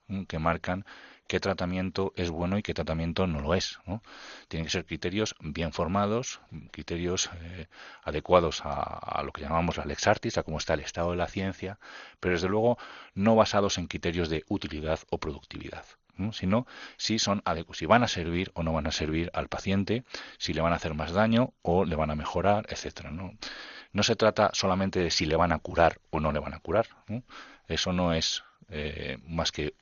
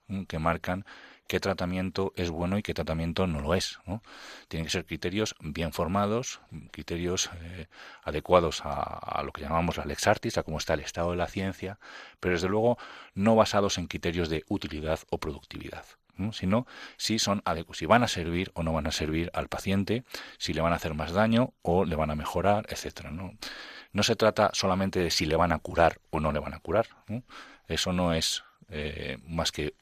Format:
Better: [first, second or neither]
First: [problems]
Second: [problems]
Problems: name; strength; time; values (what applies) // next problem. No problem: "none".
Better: second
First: garbled, watery; slightly; nothing above 6.5 kHz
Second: none